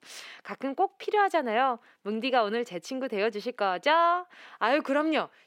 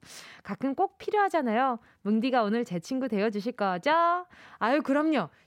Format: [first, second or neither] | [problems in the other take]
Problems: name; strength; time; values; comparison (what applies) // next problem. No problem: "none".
second | thin; very slightly; fading below 400 Hz